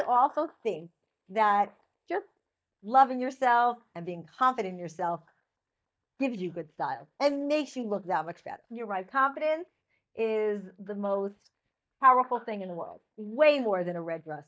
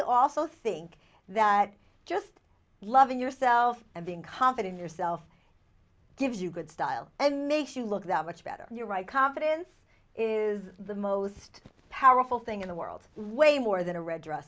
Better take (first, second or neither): second